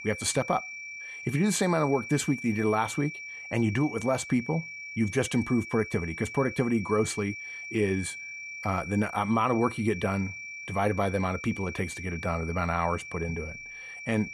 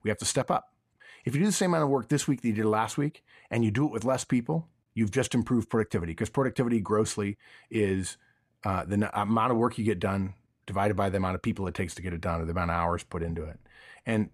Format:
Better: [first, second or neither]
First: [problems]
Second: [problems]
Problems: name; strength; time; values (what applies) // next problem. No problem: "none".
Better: second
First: high-pitched whine; loud; throughout; 2.5 kHz, 9 dB below the speech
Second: none